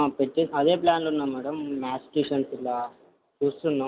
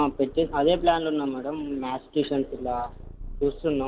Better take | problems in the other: first | background sound (Purr); 16 dB below the speech

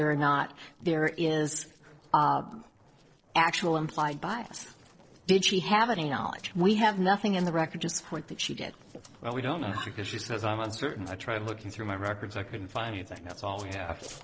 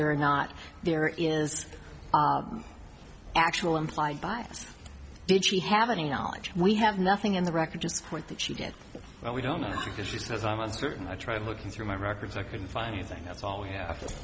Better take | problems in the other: second | noise reduction (neural separator model SepFormer DNS4)

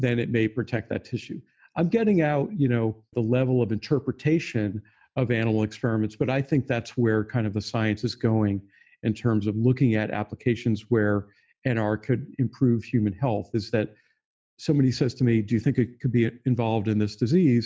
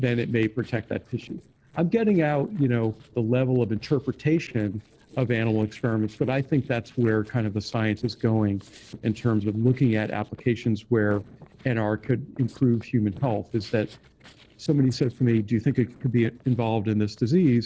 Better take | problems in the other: first | noise reduction (neural separator model SepFormer DNS4)

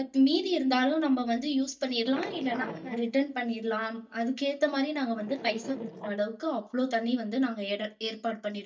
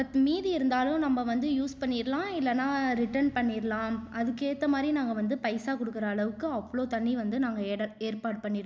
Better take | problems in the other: second | noise reduction (neural mask model DeepFilterNet 3)

